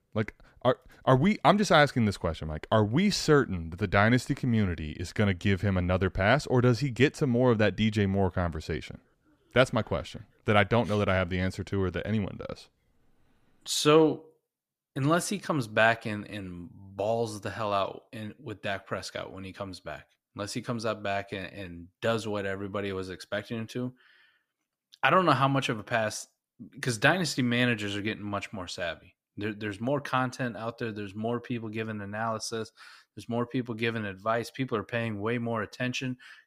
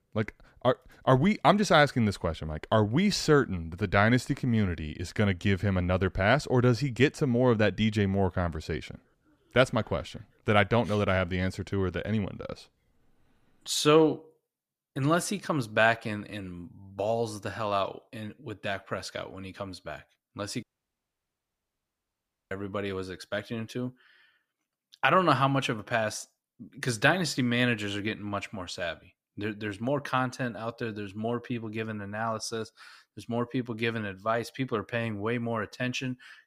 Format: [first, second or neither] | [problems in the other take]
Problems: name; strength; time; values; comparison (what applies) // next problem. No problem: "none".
first | audio cutting out; at 21 s for 2 s